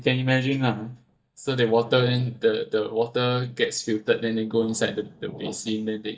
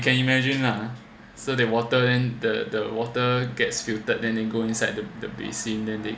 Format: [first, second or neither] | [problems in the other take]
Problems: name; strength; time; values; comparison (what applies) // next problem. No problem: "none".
second | noise reduction (neural mask model DeepFilterNet 3)